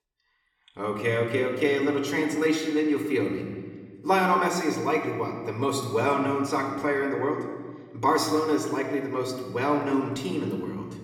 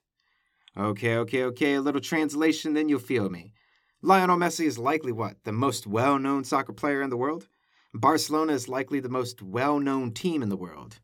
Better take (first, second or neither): second